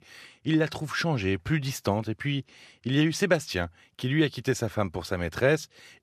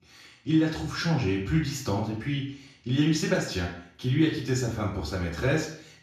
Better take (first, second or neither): first